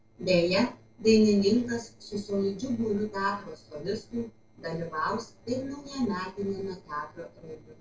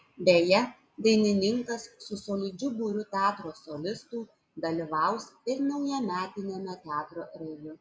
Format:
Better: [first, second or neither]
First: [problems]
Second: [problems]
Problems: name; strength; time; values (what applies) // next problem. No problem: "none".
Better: second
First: noise reduction (neural separator model SepFormer DNS4)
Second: none